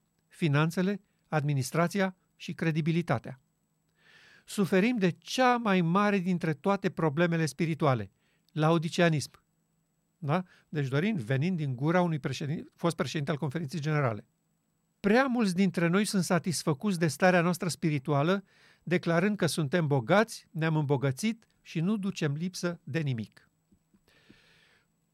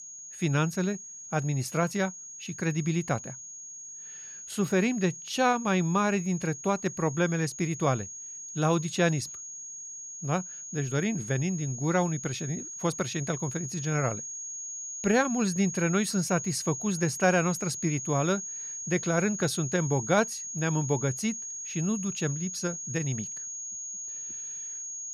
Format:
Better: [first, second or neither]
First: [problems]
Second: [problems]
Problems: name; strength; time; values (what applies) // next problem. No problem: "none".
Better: first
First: none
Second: high-pitched whine; loud; throughout; 6.5 kHz, 8 dB below the speech